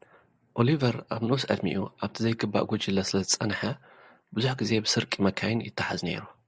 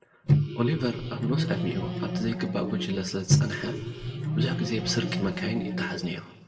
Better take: first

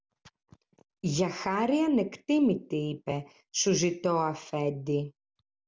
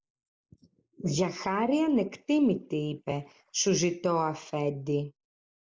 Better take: first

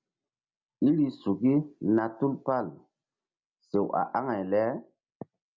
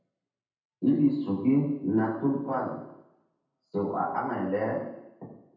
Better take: first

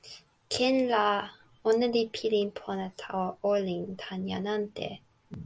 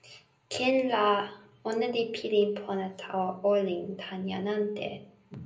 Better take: first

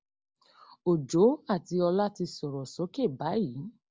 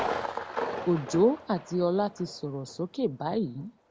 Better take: first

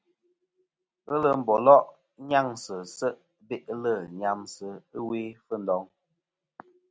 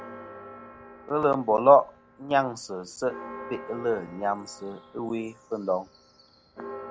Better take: first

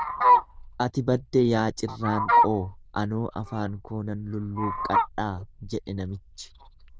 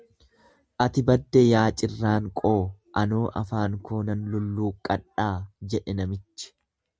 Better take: second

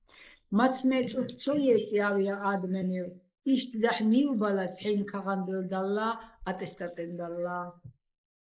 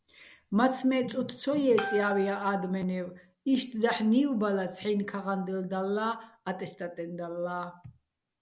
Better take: second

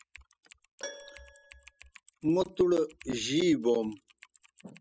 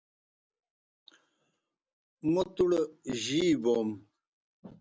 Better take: second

